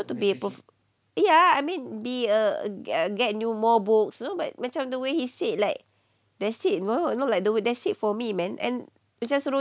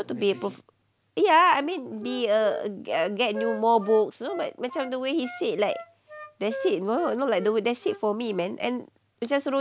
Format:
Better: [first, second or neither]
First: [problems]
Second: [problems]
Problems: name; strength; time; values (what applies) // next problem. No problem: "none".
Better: first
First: none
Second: background sound (Wind instrument, woodwind instrument); 16 dB below the speech